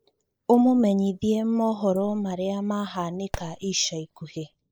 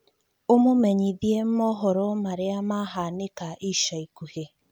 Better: second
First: noise reduction (neural mask model Resemble Enhance denoiser)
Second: none

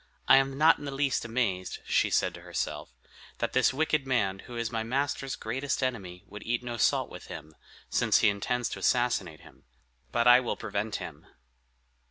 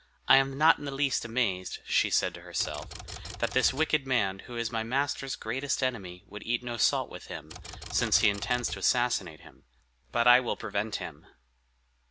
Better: first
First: none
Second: background sound (Typewriter); 12 dB below the speech

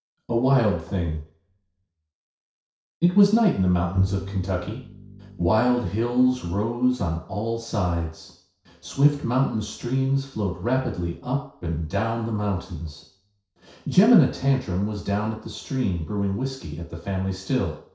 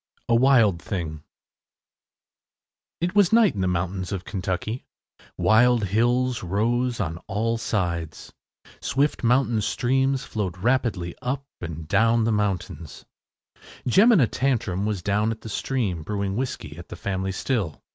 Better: second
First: noise reduction (neural separator model SepFormer DNS4)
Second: none

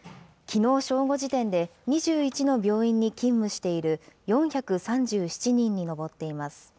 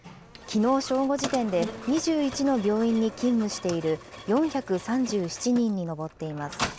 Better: first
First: none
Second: background sound (Insect + Mechanisms); 13 dB below the speech

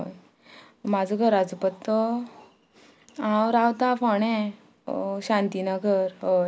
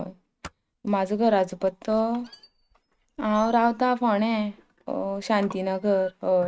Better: first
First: none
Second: noise reduction (neural mask model RNNoise)

